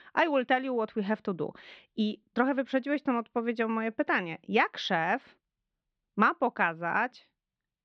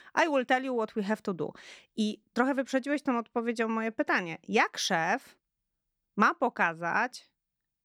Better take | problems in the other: second | muffled; slightly; fading above 3.5 kHz

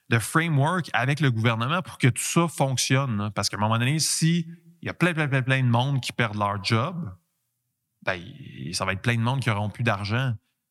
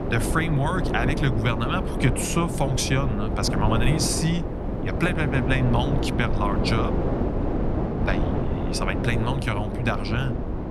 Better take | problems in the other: first | wind noise on the microphone; heavy; 4 dB below the speech

